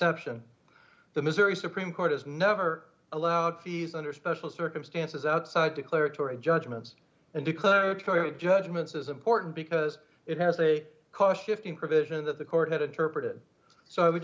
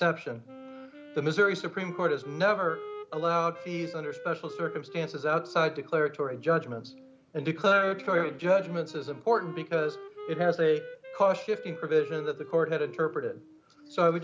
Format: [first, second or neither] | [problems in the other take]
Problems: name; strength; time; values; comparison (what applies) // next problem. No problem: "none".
first | background sound (Wind instrument, woodwind instrument); 16 dB below the speech